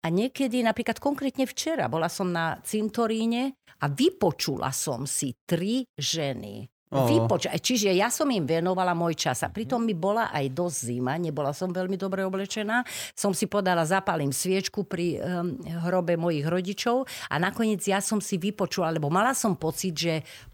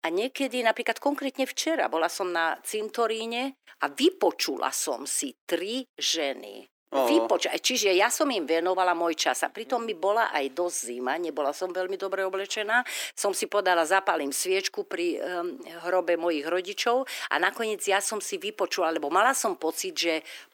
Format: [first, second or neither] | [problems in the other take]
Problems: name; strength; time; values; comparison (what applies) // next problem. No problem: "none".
first | thin; somewhat; fading below 300 Hz